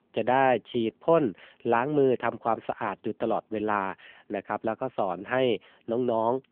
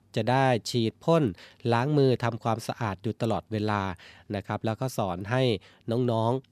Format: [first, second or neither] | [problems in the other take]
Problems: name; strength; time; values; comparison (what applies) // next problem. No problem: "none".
second | phone-call audio; nothing above 3 kHz